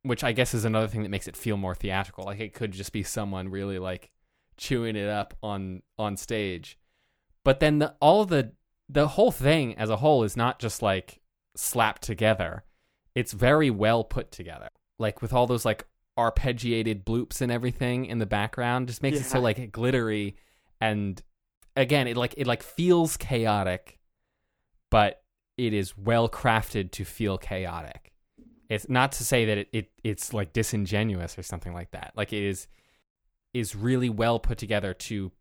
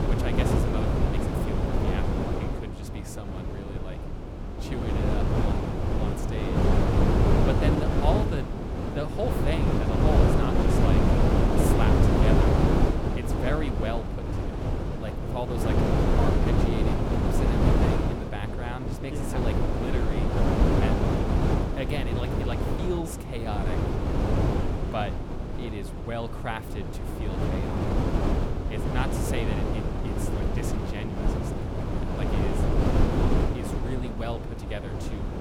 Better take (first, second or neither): first